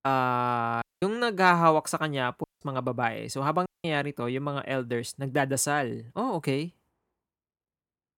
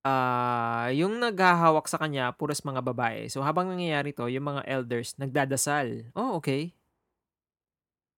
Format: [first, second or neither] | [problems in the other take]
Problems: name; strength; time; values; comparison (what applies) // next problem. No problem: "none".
second | audio cutting out; at 1 s, at 2.5 s and at 3.5 s